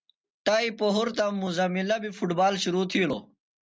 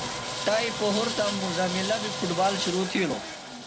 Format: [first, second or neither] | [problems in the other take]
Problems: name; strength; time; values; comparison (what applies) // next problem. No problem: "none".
first | background sound (Sawing); 4 dB below the speech